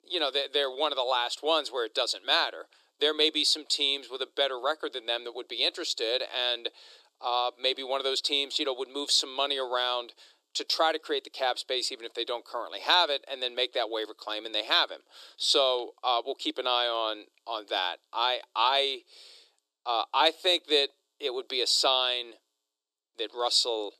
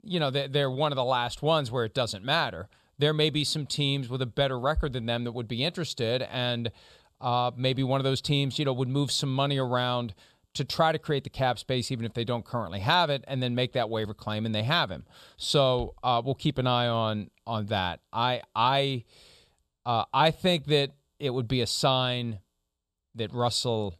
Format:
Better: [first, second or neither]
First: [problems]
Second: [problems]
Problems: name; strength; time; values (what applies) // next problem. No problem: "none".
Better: second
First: thin; very; fading below 300 Hz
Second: none